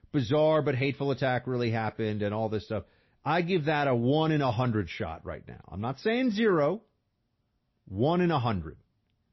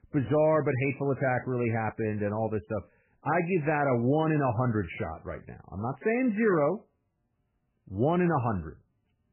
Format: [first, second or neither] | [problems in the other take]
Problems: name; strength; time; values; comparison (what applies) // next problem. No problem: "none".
first | garbled, watery; badly; nothing above 2.5 kHz; slightly in the first